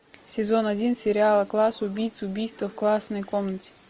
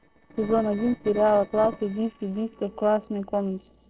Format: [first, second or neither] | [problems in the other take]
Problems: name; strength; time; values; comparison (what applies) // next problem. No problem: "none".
first | noise reduction (neural separator model SepFormer DNS4)